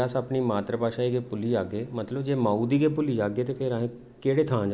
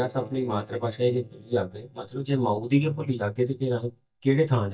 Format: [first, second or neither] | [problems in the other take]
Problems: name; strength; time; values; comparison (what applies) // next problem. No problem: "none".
first | noise reduction (neural mask model DeepFilterNet 3)